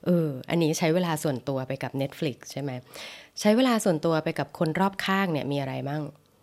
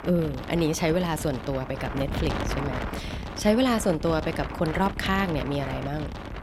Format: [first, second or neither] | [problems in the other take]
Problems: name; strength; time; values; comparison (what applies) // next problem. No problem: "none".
first | wind noise on the microphone; heavy; 8 dB below the speech